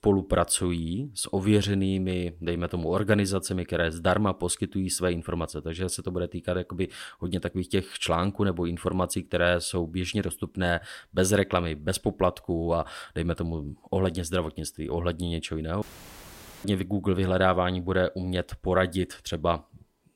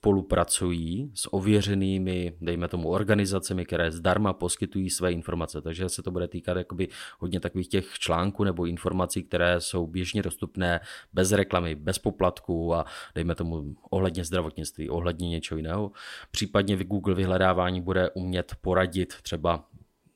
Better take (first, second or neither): second